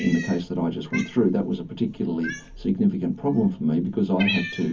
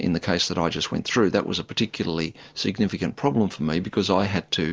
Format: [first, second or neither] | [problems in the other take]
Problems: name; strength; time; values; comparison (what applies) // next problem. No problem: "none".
second | background sound (Cat); 13 dB below the speech // room echo; dies away in 0.3 s